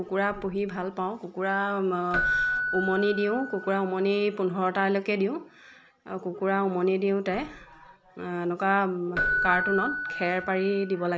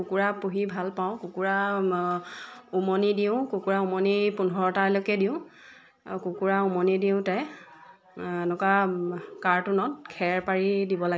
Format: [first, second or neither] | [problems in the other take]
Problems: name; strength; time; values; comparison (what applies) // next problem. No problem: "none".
second | background sound (Keyboard (musical)); 6 dB below the speech